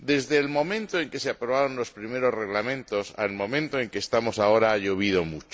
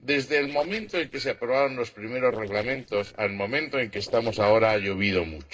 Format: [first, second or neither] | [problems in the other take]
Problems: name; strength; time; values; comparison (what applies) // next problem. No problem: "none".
first | noise reduction (neural separator model SepFormer DNS4)